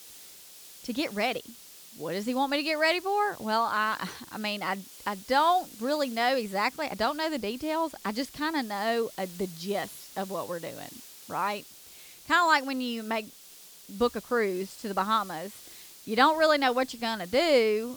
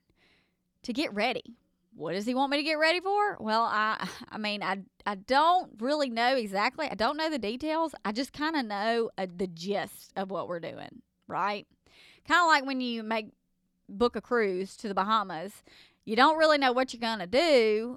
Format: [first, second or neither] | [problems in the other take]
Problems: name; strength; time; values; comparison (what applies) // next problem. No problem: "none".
second | hiss; noticeable; throughout; 20 dB below the speech